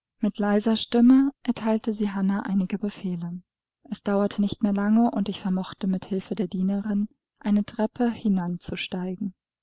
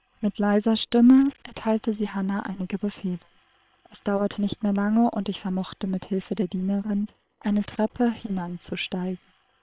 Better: first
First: none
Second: noise reduction (neural separator model SepFormer WHAM!)

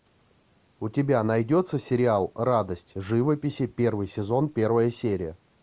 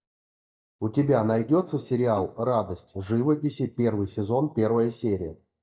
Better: first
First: none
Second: noise reduction (neural mask model DeepFilterNet 3)

